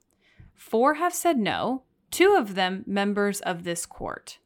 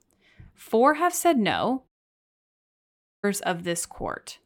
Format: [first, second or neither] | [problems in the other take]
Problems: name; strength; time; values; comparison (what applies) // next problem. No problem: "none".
first | audio cutting out; at 2 s for 1.5 s